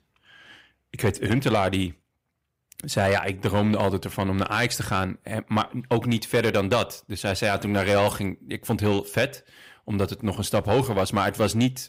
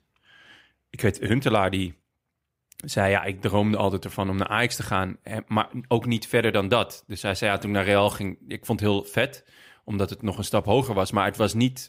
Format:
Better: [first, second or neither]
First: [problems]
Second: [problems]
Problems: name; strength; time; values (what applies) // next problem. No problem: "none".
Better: second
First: distortion; slight; 10 dB below the speech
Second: none